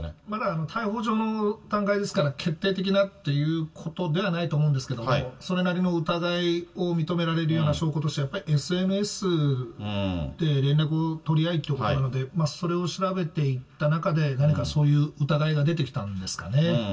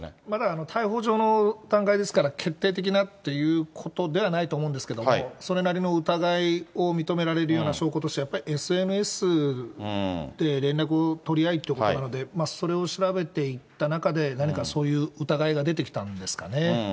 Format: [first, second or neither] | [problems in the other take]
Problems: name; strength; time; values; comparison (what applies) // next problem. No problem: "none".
second | room echo; dies away in 0.1 s